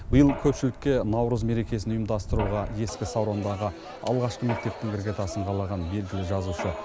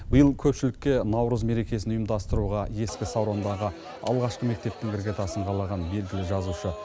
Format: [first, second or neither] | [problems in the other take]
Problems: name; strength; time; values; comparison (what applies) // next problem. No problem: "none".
second | background sound (Mechanisms); 15 dB below the speech